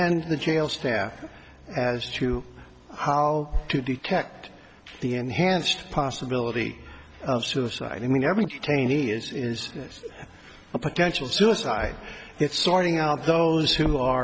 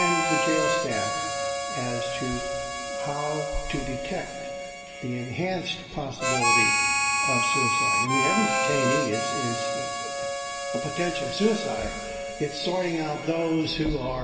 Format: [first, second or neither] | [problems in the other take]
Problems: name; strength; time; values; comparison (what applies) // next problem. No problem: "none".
first | background sound (Harmonica); 2 dB above the speech // room echo; dies away in 2.4 s